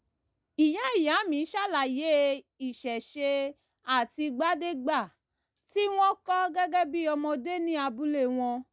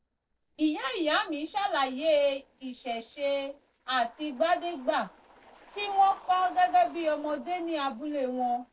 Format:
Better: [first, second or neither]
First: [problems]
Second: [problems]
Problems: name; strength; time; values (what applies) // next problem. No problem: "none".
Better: first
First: none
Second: noise reduction (neural separator model SepFormer DNS4)